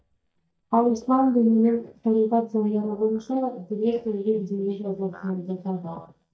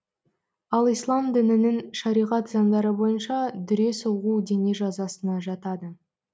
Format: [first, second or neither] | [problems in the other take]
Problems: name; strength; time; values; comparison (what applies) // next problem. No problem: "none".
second | noise reduction (neural mask model DeepFilterNet 3)